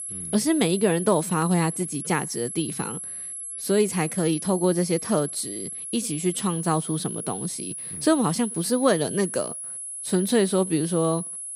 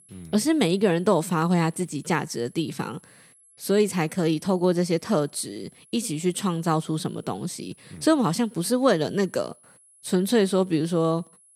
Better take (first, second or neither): second